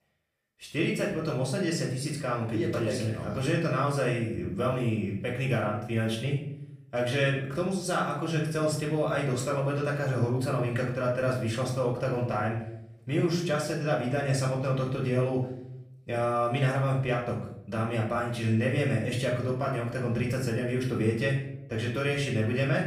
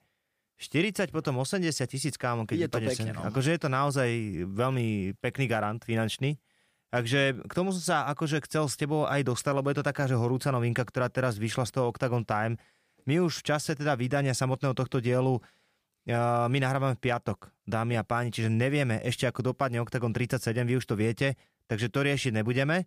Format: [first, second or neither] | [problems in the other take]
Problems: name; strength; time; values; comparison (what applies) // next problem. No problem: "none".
second | off-mic speech; far // room echo; noticeable; dies away in 0.7 s